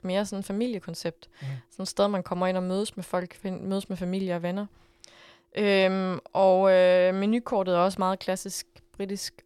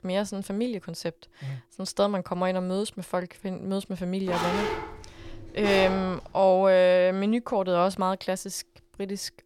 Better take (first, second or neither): first